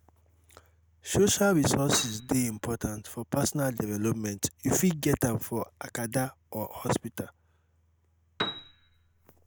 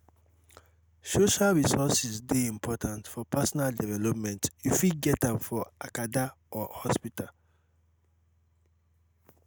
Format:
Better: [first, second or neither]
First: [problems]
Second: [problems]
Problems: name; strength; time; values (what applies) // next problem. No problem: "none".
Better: second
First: background sound (Piano); 8 dB below the speech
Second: none